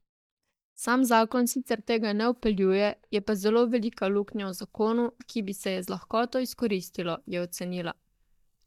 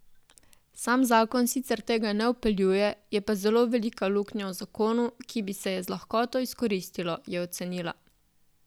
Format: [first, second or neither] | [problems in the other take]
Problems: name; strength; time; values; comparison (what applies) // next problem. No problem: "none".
second | noise reduction (neural mask model DeepFilterNet 3)